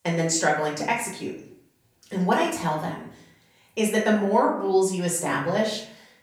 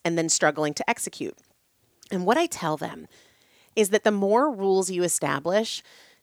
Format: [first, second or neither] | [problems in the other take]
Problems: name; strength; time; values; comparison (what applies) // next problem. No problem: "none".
second | room echo; slight; dies away in 0.6 s // off-mic speech; far